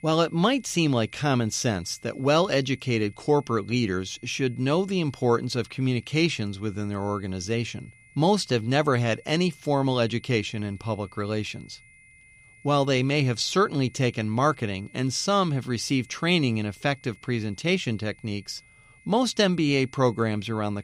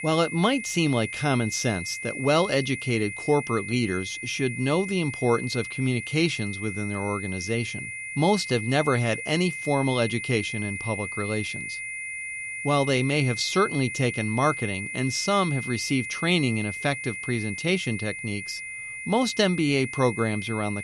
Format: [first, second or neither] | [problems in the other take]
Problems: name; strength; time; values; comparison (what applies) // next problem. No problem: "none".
first | high-pitched whine; loud; throughout; 2 kHz, 7 dB below the speech; faint in the first